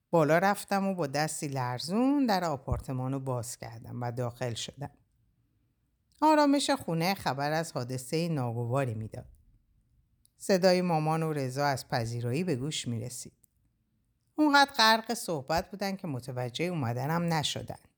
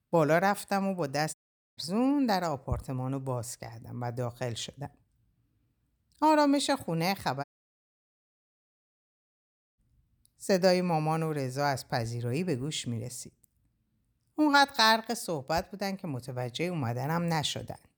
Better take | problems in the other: first | audio cutting out; at 1.5 s and at 7.5 s for 2.5 s

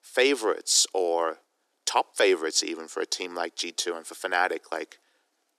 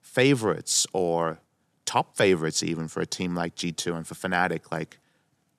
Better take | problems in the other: second | thin; somewhat; fading below 300 Hz

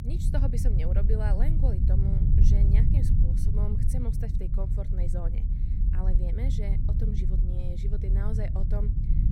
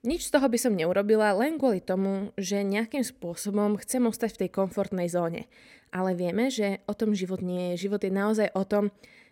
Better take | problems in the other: second | low rumble; loud; throughout; as loud as the speech

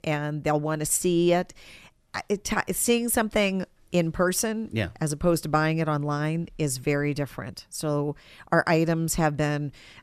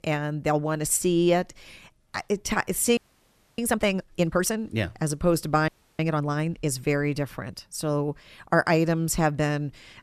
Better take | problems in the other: first | audio freezing; at 3 s for 0.5 s and at 5.5 s

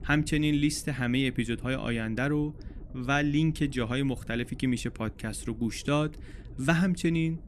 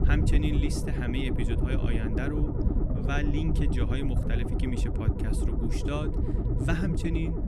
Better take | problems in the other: first | low rumble; loud; throughout; 1 dB below the speech; faint in the first

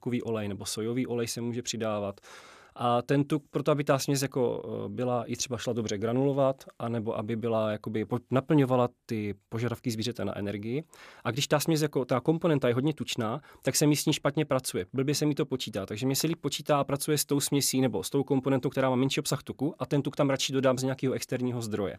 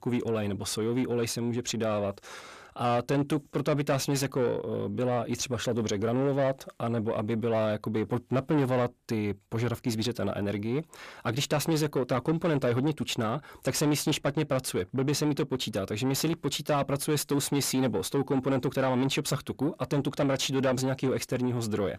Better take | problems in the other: first | distortion; slight; 10 dB below the speech

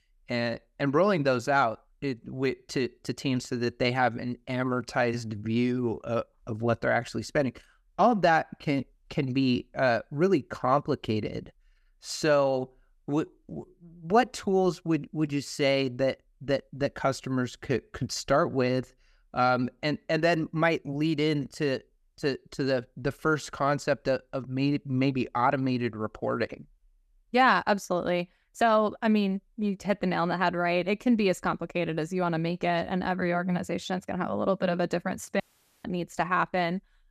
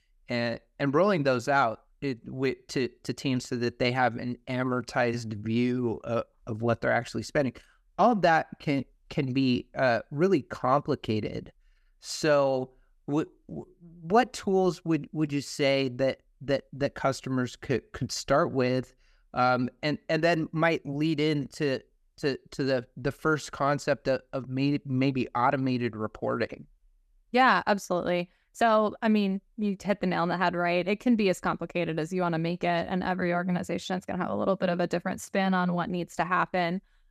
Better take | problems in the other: second | audio cutting out; at 35 s

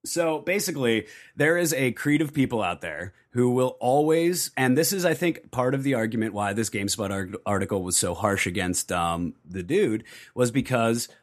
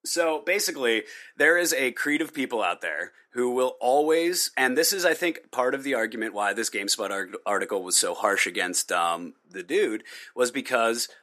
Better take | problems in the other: first | thin; somewhat; fading below 350 Hz

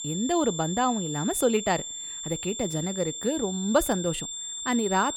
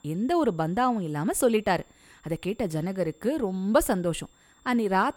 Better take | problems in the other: second | high-pitched whine; loud; throughout; 7.5 kHz, 6 dB below the speech; faint in the second

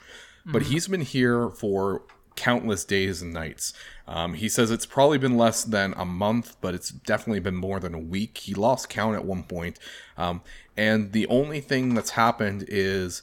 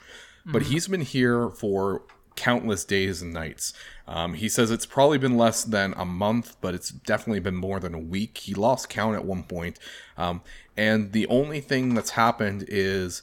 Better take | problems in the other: neither | none

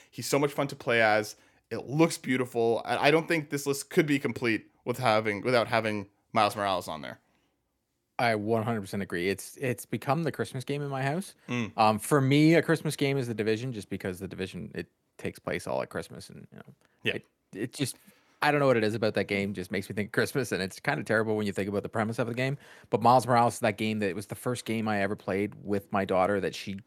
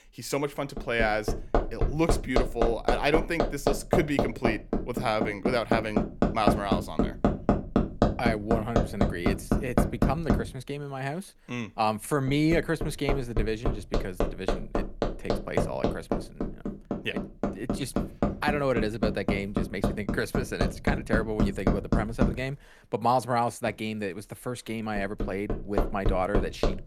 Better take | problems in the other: first | machinery noise; very loud; throughout; 1 dB above the speech

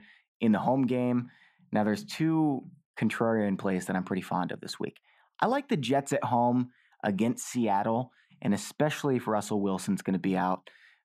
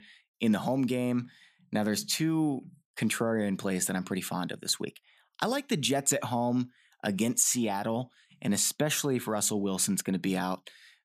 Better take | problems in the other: second | muffled; very; fading above 3.5 kHz

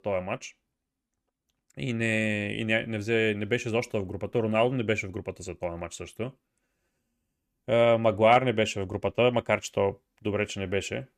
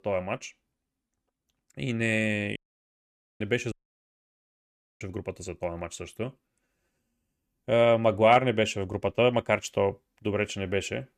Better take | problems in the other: first | audio cutting out; at 2.5 s for 1 s and at 3.5 s for 1.5 s

